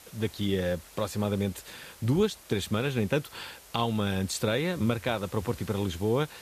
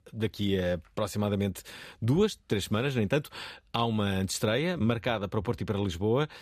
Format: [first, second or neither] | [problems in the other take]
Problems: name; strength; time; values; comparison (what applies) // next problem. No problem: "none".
second | hiss; noticeable; throughout; 20 dB below the speech